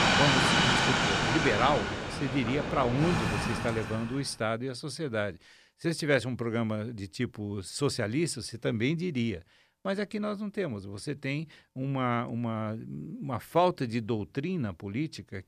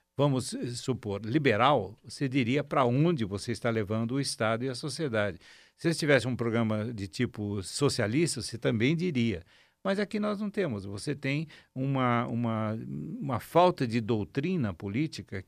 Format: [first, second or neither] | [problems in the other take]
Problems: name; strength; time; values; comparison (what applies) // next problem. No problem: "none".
second | train or aircraft noise; very loud; until 4 s; 4 dB above the speech